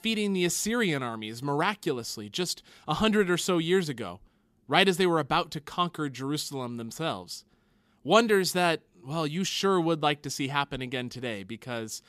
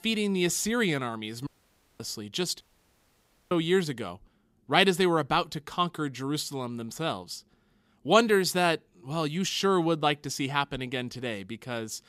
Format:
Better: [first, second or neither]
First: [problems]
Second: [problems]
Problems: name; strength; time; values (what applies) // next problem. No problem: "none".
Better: first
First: none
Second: audio cutting out; at 1.5 s for 0.5 s and at 2.5 s for 1 s